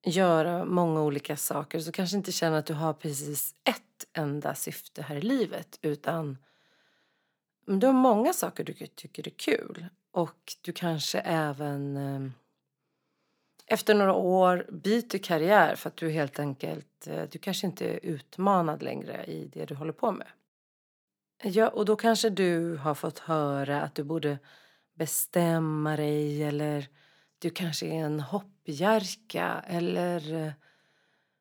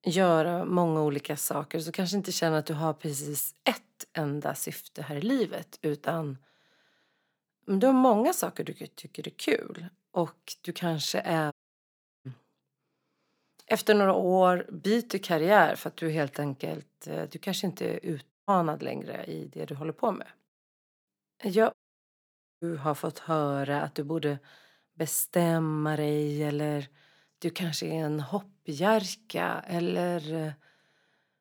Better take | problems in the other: first | audio cutting out; at 12 s for 0.5 s, at 18 s and at 22 s for 1 s

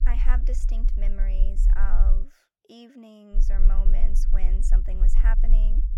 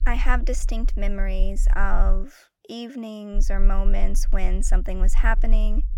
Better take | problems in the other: second | low rumble; loud; until 2 s and from 3.5 s on; 8 dB below the speech; faint in the second

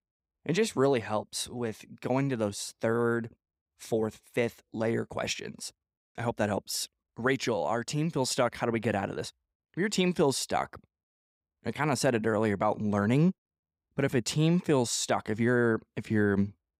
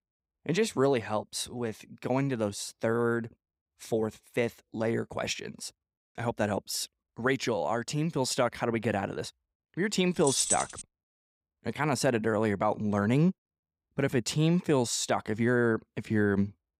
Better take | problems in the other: first | jangling keys; loud; at 10 s; peak 2 dB above the speech

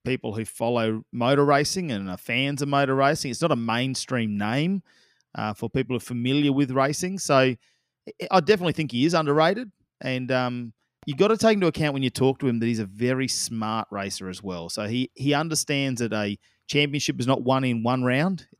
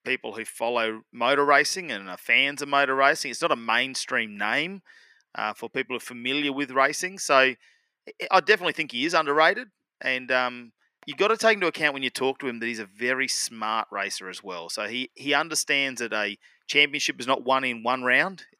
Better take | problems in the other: first | thin; somewhat; fading below 400 Hz

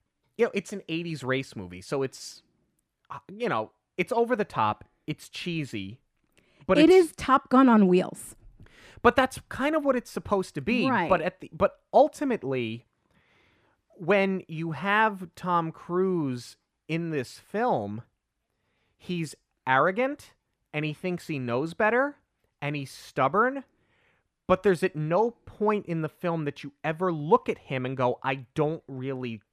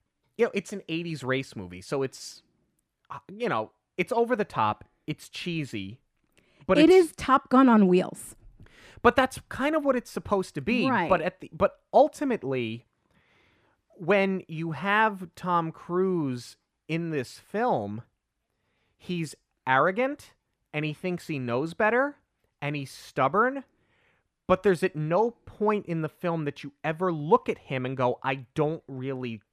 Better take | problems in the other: neither | muffled; slightly; fading above 3 kHz; the same in both

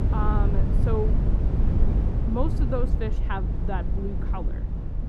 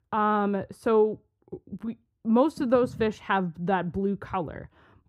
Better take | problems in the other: second | low rumble; loud; throughout; 5 dB below the speech

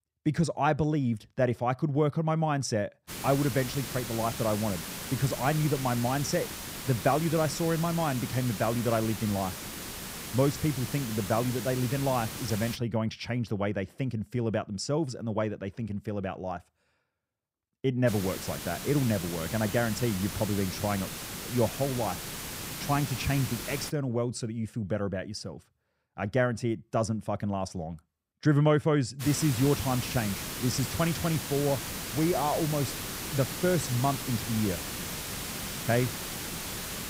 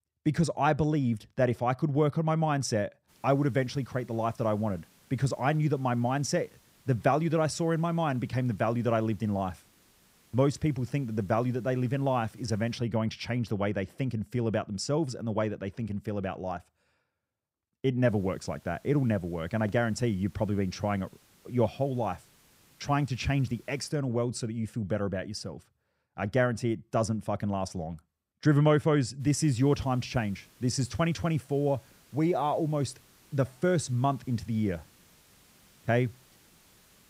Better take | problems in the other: second | hiss; loud; from 3 to 13 s, from 18 to 24 s and from 29 s on; 6 dB below the speech; faint in the second

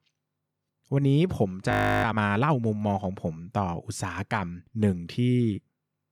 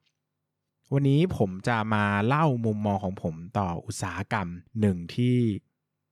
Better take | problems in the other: second | audio freezing; at 1.5 s

